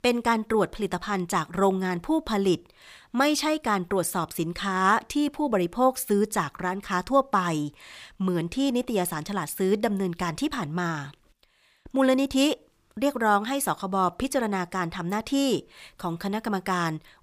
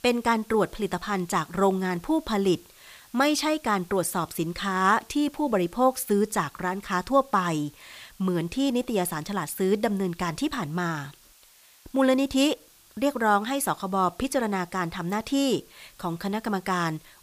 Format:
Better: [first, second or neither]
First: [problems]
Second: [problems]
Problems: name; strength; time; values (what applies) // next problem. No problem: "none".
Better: first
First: none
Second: hiss; faint; throughout; 25 dB below the speech